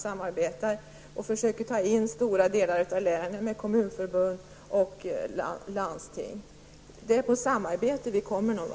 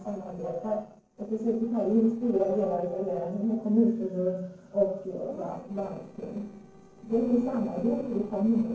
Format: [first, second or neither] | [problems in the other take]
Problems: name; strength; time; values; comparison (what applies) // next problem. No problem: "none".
first | noise reduction (neural separator model SepFormer DNS4)